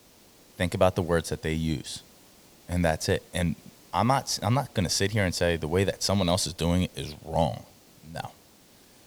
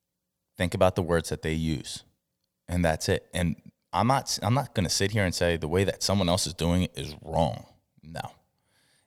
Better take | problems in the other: second | hiss; faint; throughout; 25 dB below the speech

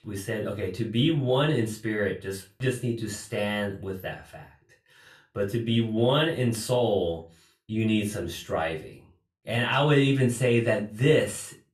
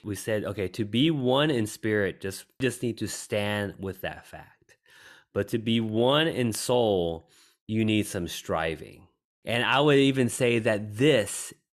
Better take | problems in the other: second | off-mic speech; far // room echo; very slight; dies away in 0.3 s

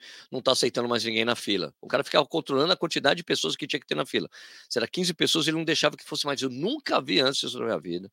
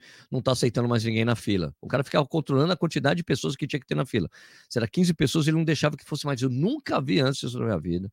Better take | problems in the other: second | thin; somewhat; fading below 350 Hz

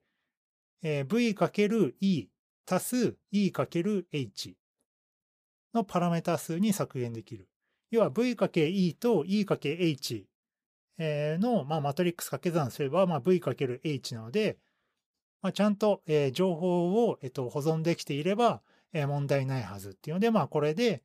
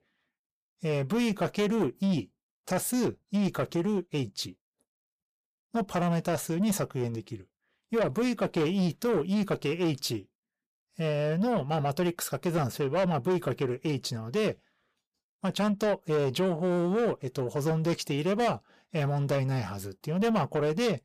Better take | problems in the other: first | distortion; slight; 10 dB below the speech

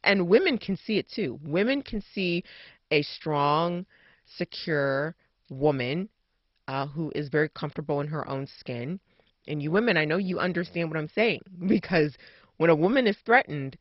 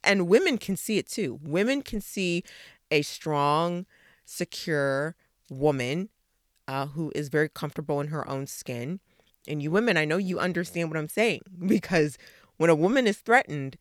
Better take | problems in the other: second | garbled, watery; badly; nothing above 5.5 kHz

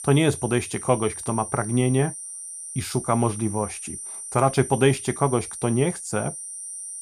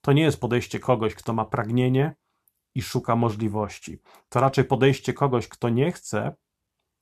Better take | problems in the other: second | high-pitched whine; loud; throughout; 9 kHz, 9 dB below the speech

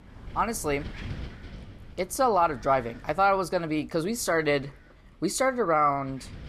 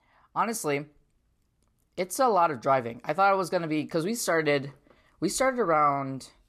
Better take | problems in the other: second | wind noise on the microphone; occasional gusts; 25 dB below the speech

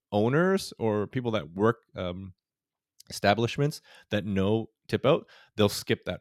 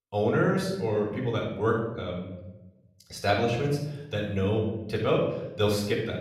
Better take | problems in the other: first | room echo; noticeable; dies away in 0.8 s // off-mic speech; somewhat distant

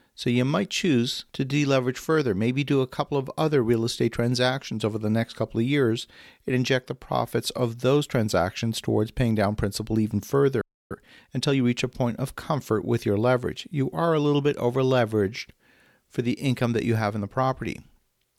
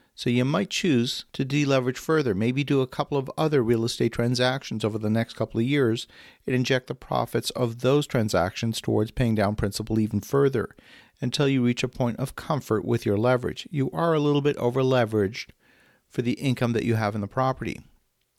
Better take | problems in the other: second | audio freezing; at 11 s

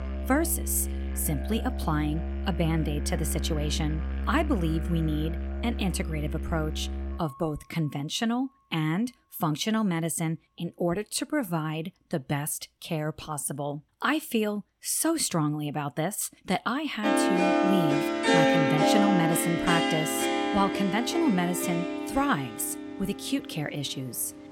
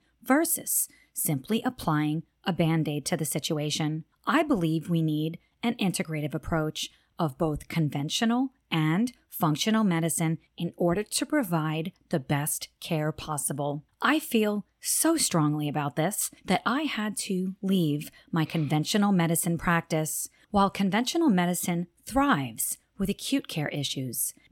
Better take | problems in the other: second | background music; very loud; throughout; as loud as the speech

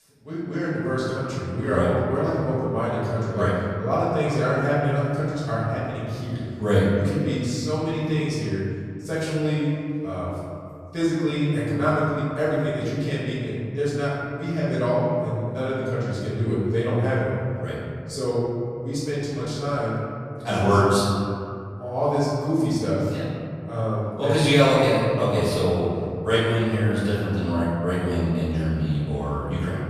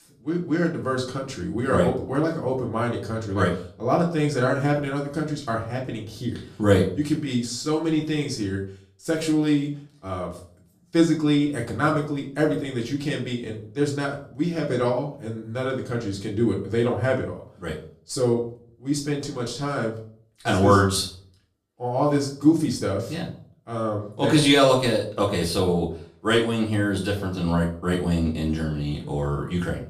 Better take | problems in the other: second | room echo; strong; dies away in 2.3 s; slight in the second // off-mic speech; far; far in the second

